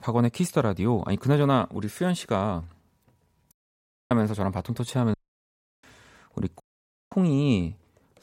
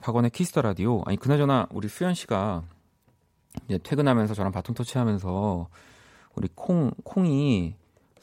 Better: second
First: audio cutting out; at 3.5 s for 0.5 s, at 5 s for 0.5 s and at 6.5 s for 0.5 s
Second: none

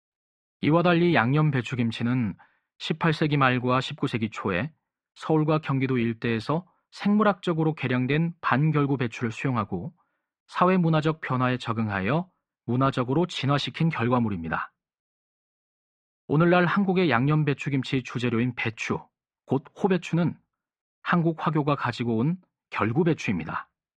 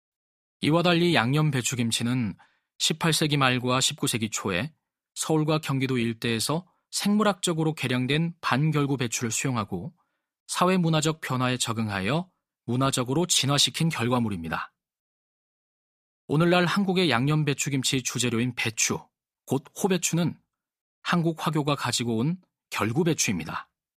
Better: second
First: muffled; very; fading above 2 kHz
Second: none

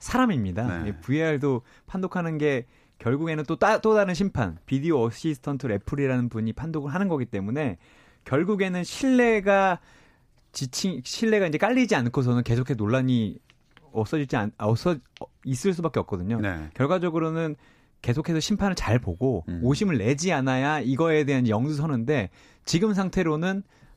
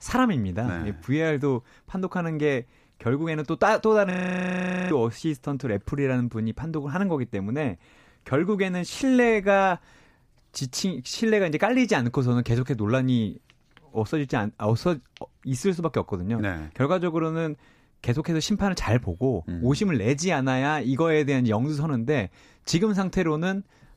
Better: first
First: none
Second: audio freezing; at 4 s for 1 s

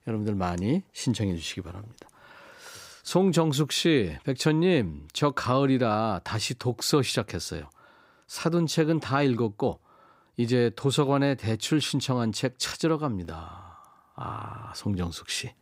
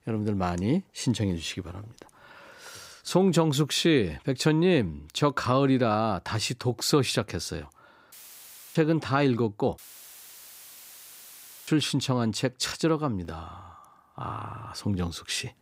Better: first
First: none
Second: audio cutting out; filled with static; at 8 s for 0.5 s and at 10 s for 2 s

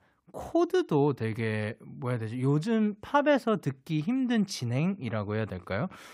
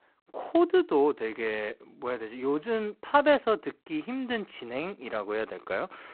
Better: first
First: none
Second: phone-call audio; poor line; nothing above 4 kHz

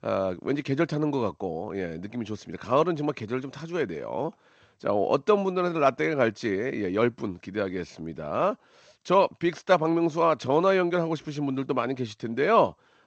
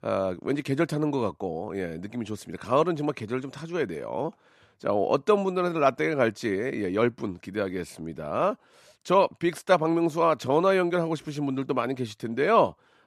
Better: second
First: garbled, watery; slightly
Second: none

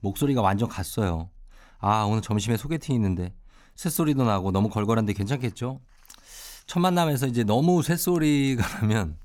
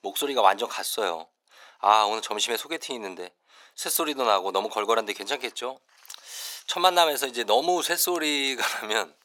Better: first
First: none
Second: thin; very; fading below 450 Hz

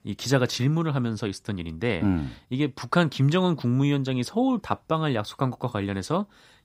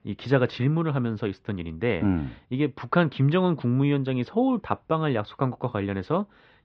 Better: first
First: none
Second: muffled; very; fading above 3 kHz

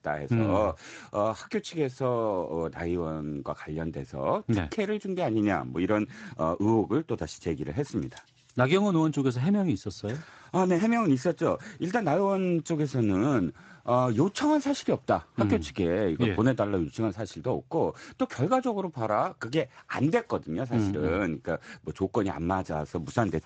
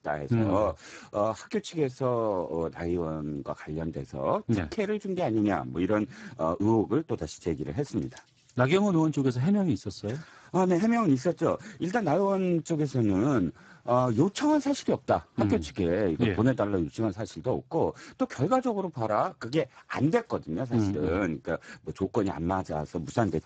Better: first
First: garbled, watery; slightly; nothing above 7.5 kHz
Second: garbled, watery; badly; nothing above 7.5 kHz

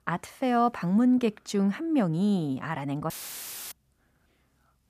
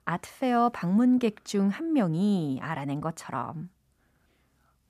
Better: second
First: audio cutting out; filled with static; at 3 s for 0.5 s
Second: none

